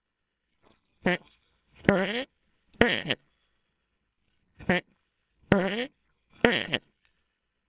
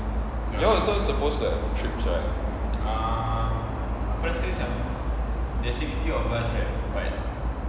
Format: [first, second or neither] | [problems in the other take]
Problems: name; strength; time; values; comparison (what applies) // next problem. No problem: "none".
second | noise reduction (neural separator model SepFormer WHAMR!)